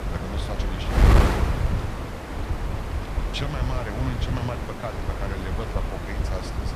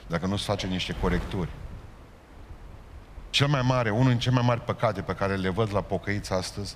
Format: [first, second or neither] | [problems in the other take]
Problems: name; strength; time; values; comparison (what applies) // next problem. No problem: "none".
second | wind noise on the microphone; heavy; 3 dB above the speech; occasional gusts in the second